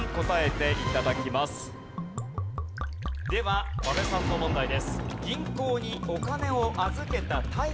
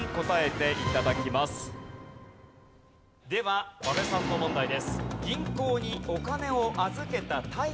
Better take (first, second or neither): second